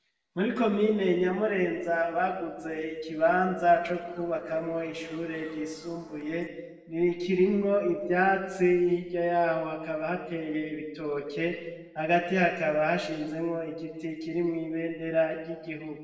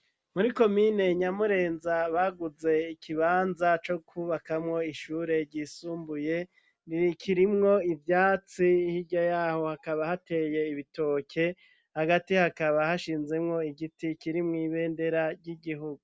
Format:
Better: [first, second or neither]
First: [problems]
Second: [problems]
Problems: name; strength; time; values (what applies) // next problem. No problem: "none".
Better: second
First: noise reduction (neural separator model SepFormer DNS4)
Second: none